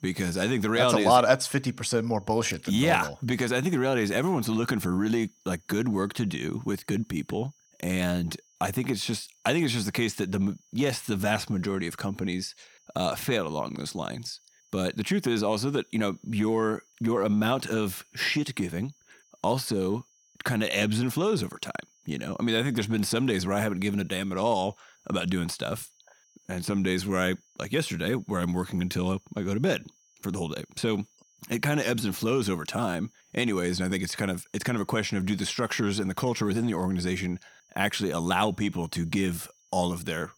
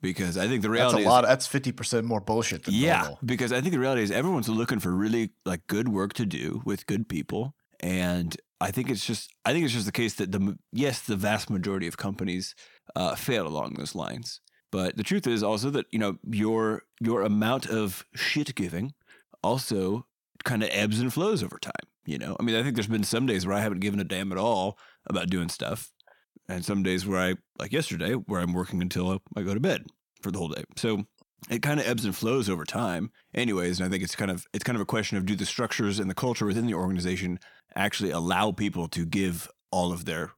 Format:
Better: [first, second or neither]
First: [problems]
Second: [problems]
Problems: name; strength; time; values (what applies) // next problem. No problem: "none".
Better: second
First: high-pitched whine; faint; throughout; 6 kHz, 35 dB below the speech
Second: none